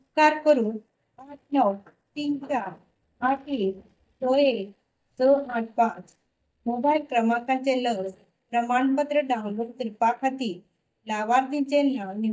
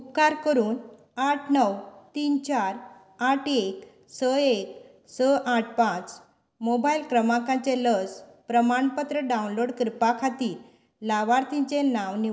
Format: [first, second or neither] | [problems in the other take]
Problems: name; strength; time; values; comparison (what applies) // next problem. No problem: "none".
second | noise reduction (neural mask model DeepFilterNet 3)